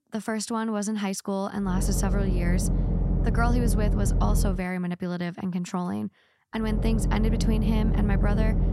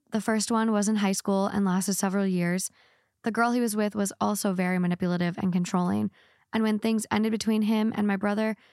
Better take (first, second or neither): second